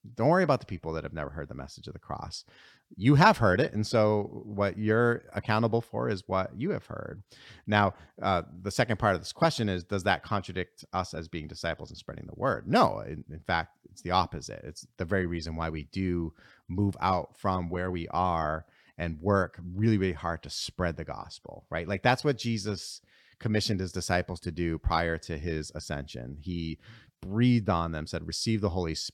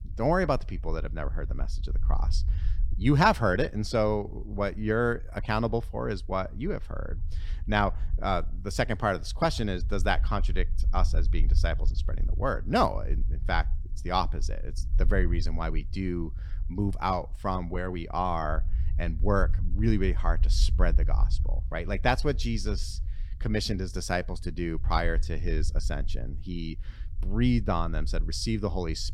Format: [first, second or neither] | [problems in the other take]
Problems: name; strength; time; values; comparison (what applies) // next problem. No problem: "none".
first | low rumble; faint; throughout; 25 dB below the speech